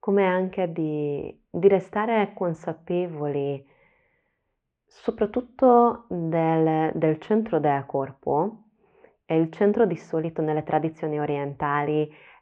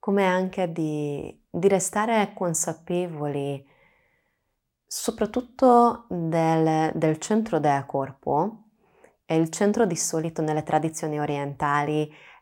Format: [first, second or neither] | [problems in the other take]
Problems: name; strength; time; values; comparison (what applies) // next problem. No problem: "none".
second | muffled; very; fading above 2.5 kHz